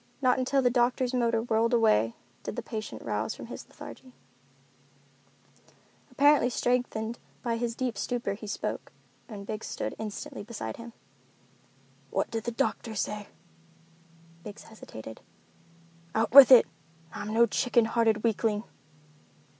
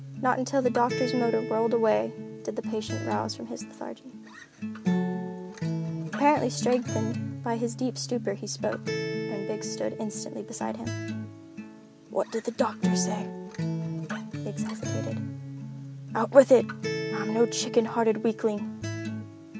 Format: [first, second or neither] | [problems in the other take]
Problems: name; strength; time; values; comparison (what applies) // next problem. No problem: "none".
first | background sound (Acoustic guitar); 4 dB below the speech